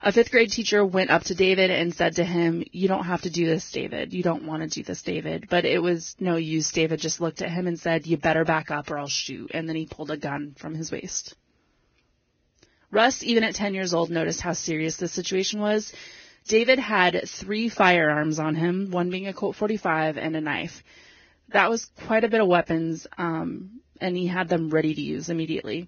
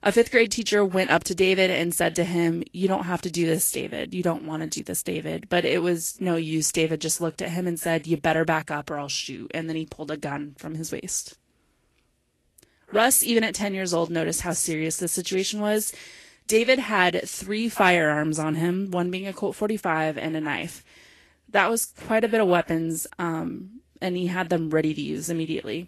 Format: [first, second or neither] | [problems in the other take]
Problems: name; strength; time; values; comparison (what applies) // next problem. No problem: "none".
second | garbled, watery; badly; nothing above 6.5 kHz; slightly in the second